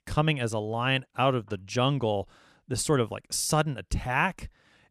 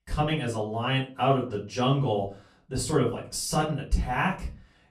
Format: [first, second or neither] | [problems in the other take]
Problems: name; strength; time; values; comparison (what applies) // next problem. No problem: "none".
first | off-mic speech; far // room echo; slight; dies away in 0.3 s